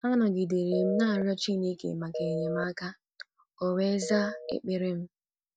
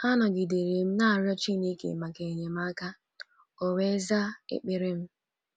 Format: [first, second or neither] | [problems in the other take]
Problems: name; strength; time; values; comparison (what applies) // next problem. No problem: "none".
second | noise reduction (neural mask model DeepFilterNet 3)